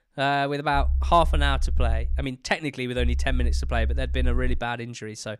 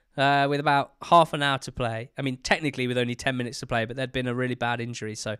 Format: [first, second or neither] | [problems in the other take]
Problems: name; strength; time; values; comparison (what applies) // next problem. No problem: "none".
second | low rumble; faint; from 0.5 to 2 s and from 3 to 4.5 s; 20 dB below the speech